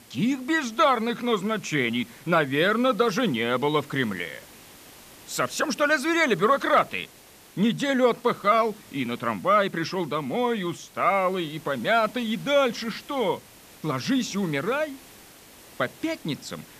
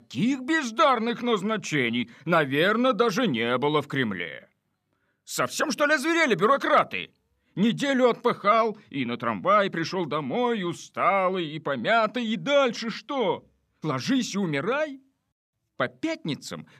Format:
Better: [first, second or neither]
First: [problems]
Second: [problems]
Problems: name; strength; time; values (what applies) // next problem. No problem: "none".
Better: second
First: hiss; faint; throughout; 25 dB below the speech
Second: none